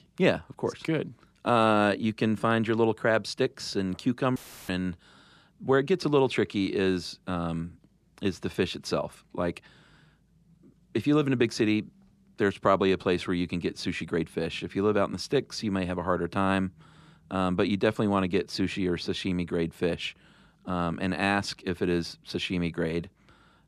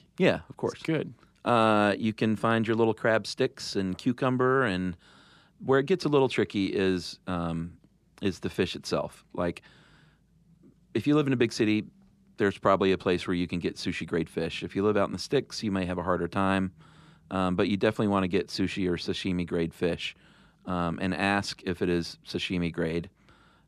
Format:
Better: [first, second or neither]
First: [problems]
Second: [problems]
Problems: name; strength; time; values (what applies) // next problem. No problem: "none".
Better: second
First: audio cutting out; filled with static; at 4.5 s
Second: none